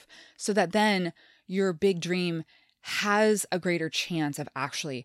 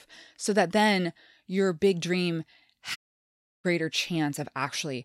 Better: first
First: none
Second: audio cutting out; at 3 s for 0.5 s

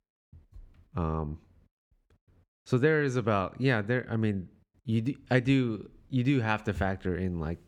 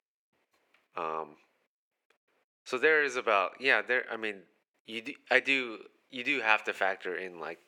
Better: first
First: none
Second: thin; very; fading below 450 Hz

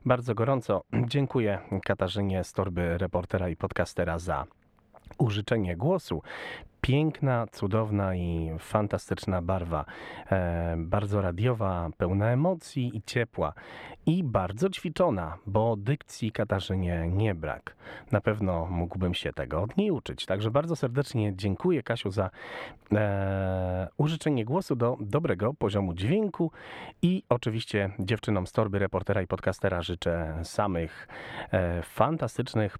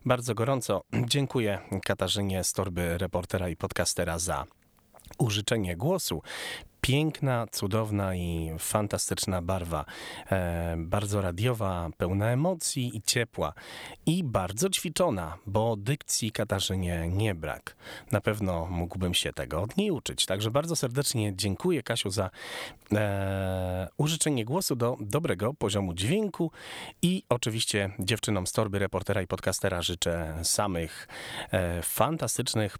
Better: second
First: muffled; very; fading above 3.5 kHz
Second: none

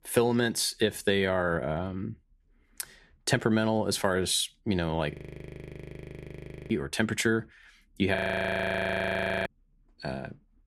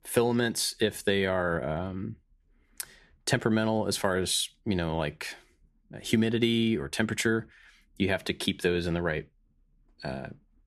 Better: second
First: audio freezing; at 5 s for 1.5 s and at 8 s for 1.5 s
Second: none

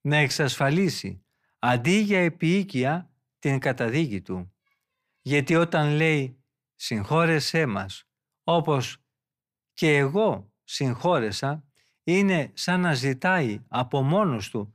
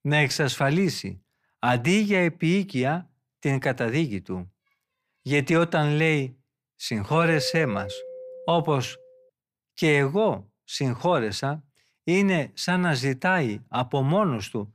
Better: first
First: none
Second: doorbell; noticeable; from 7 to 9 s; peak 8 dB below the speech

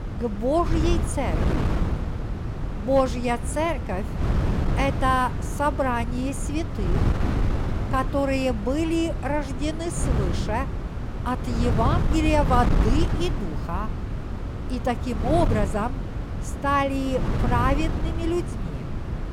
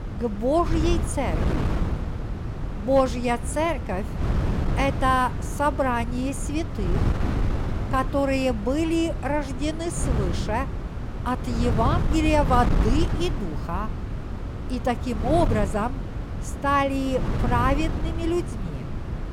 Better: second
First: wind noise on the microphone; heavy; 9 dB below the speech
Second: wind noise on the microphone; occasional gusts; 10 dB below the speech

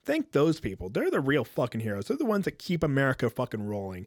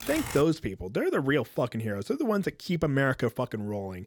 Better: first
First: none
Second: keyboard typing; noticeable; at the start; peak 6 dB below the speech

